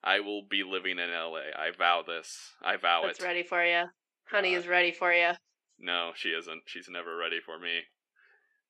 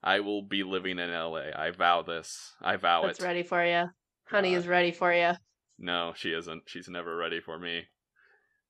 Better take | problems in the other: second | thin; very slightly; fading below 250 Hz

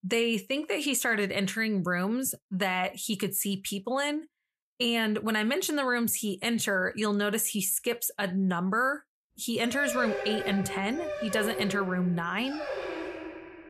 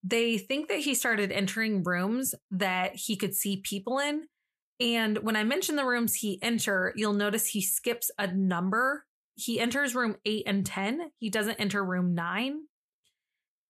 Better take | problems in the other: second | dog barking; noticeable; from 9.5 s on; peak 3 dB below the speech

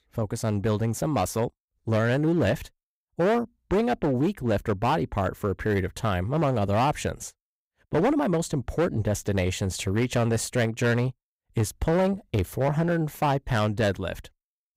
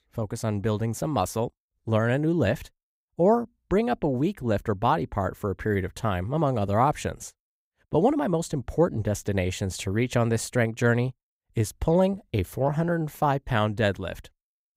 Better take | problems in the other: second | distortion; slight; 8% of the sound clipped

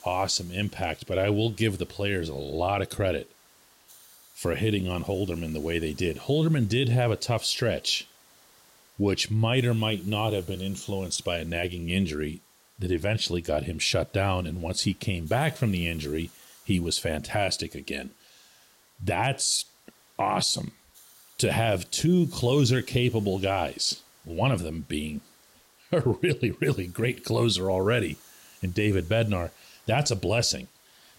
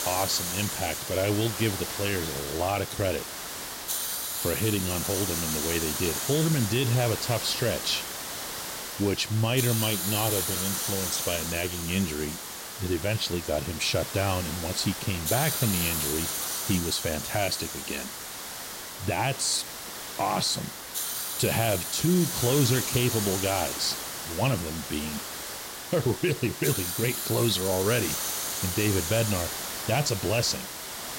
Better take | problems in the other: first | hiss; loud; throughout; 3 dB below the speech; faint in the first

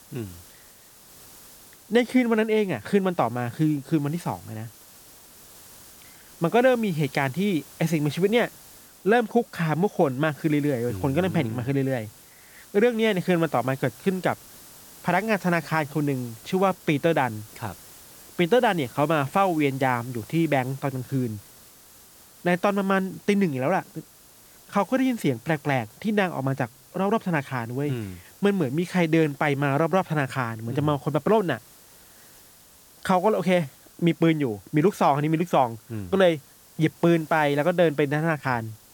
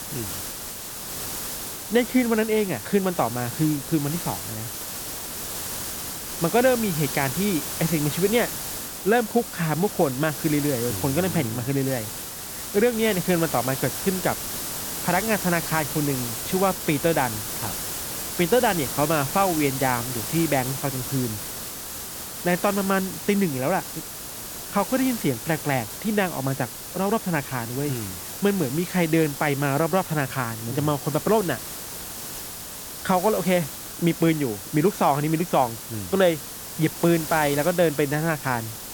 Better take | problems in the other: first | hiss; loud; throughout; 6 dB below the speech; faint in the first

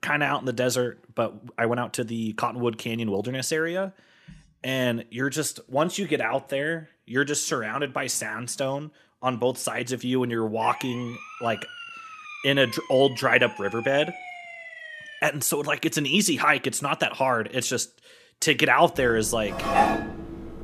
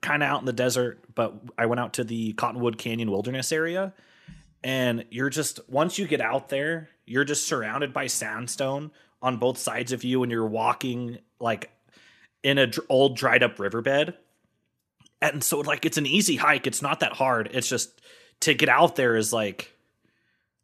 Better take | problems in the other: second | siren; faint; from 11 to 15 s; peak 10 dB below the speech // clattering dishes; loud; at 19 s; peak 3 dB above the speech

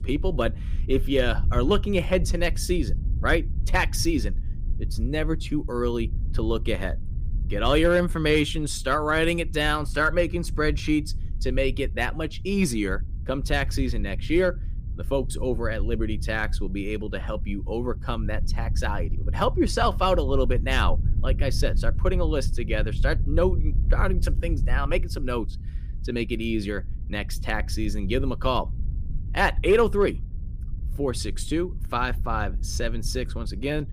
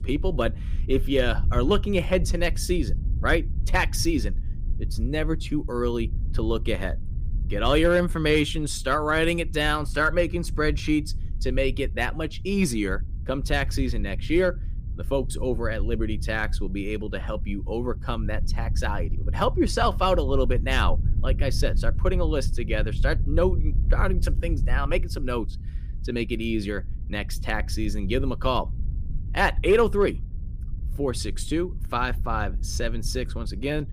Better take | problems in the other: neither | low rumble; faint; throughout; 20 dB below the speech; the same in both

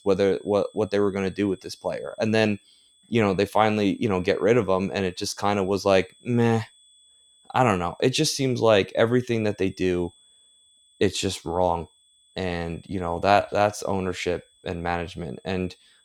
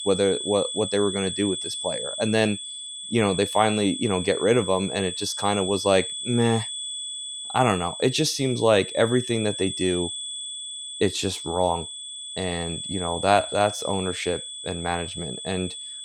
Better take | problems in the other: first | high-pitched whine; loud; throughout; 3.5 kHz, 6 dB below the speech; faint in the first

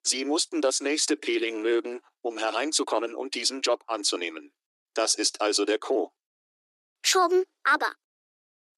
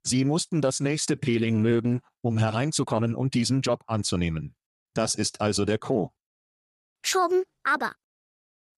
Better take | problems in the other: second | thin; very; fading below 300 Hz

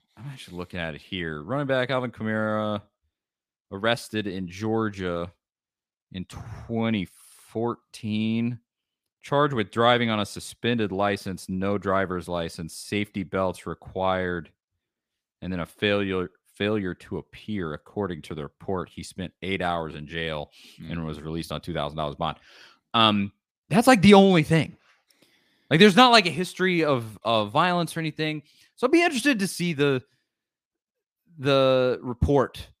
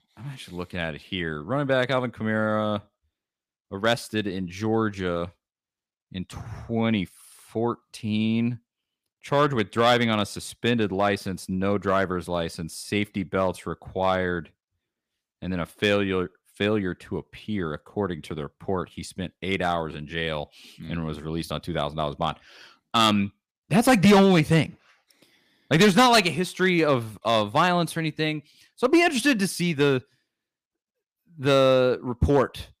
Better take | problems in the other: first | distortion; slight; 1.3% of the sound clipped

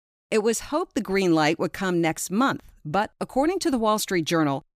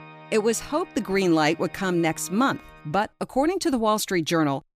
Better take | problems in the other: first | background music; faint; until 3 s; 20 dB below the speech

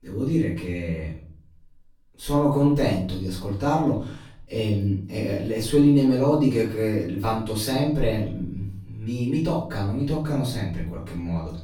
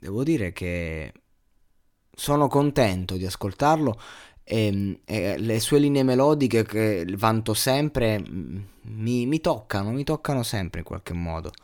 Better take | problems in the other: second | off-mic speech; far // room echo; noticeable; dies away in 0.6 s

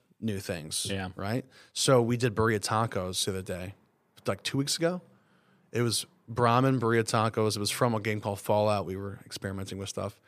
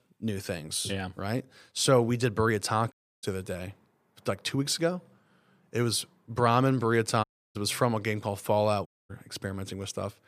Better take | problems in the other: first | audio cutting out; at 3 s, at 7 s and at 9 s

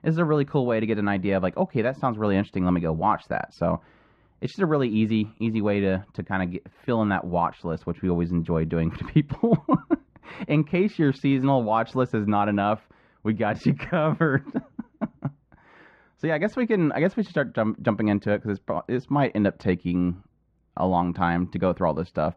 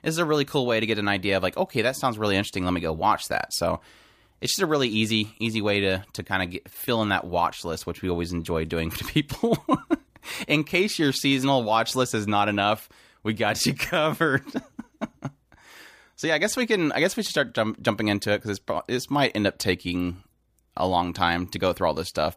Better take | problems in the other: second | muffled; very; fading above 1.5 kHz

